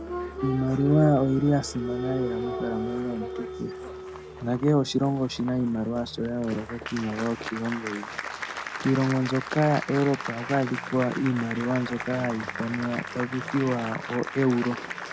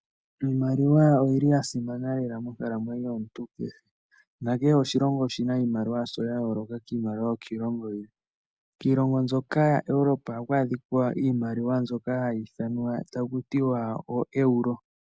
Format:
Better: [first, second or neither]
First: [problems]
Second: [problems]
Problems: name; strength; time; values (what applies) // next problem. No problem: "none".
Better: second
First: background sound (Applause); 8 dB below the speech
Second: none